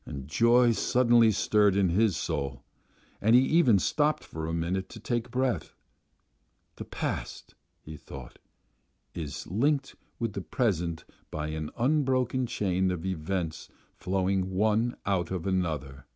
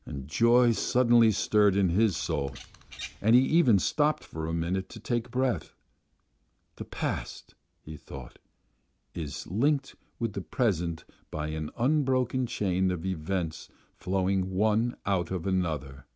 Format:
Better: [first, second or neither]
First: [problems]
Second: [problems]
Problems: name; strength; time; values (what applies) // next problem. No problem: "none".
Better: first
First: none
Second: background sound (Bird vocalization, bird call, bird song); 17 dB below the speech